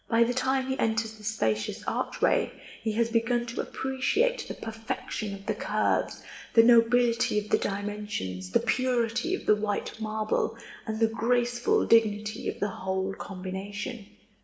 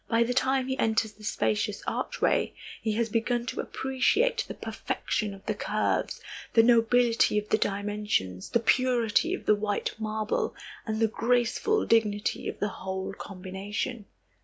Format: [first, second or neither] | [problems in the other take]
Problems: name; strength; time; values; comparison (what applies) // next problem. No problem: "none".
second | room echo; dies away in 0.8 s